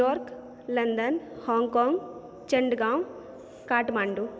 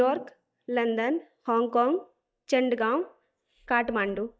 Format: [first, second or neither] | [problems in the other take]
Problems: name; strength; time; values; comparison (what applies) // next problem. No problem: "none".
first | noise reduction (neural mask model DeepFilterNet 3)